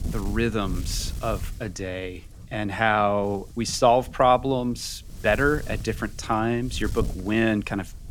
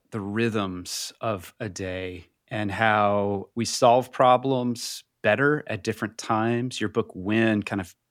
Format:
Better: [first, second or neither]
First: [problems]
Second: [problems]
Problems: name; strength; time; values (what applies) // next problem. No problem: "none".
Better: second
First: wind noise on the microphone; occasional gusts; 25 dB below the speech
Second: none